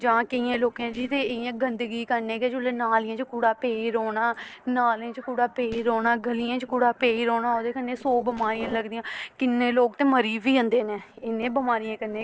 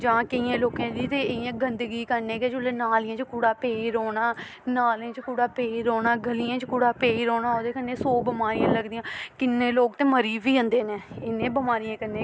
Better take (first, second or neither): second